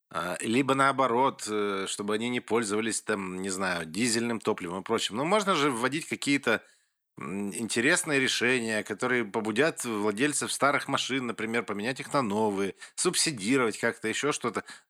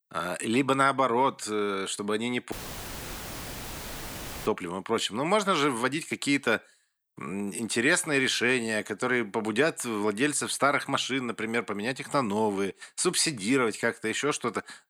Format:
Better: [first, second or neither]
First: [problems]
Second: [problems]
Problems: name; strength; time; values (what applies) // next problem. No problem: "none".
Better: first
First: none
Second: audio cutting out; filled with static; at 2.5 s for 2 s